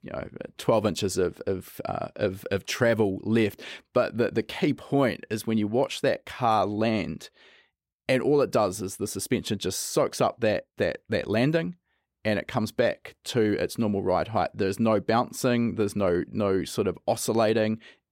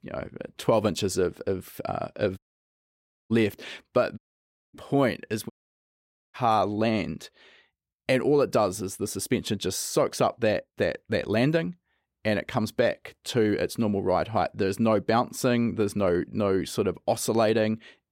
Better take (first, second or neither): first